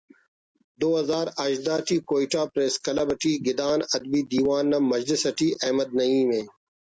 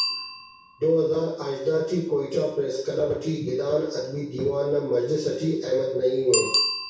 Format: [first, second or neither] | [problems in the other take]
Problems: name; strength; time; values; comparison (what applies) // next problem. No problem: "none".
first | background sound (Bicycle bell); 8 dB below the speech // room echo; dies away in 0.6 s